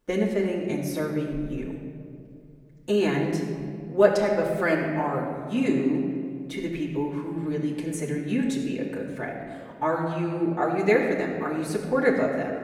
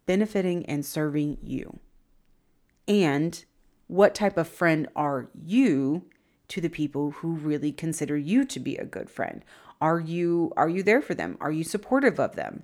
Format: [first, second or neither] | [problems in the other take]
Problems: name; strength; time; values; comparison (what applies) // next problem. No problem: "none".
second | off-mic speech; far // room echo; noticeable; dies away in 2 s